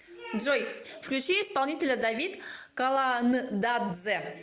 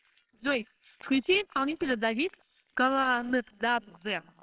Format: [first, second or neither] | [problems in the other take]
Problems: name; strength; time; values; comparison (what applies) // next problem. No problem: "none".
first | noise reduction (neural separator model SepFormer WHAMR!)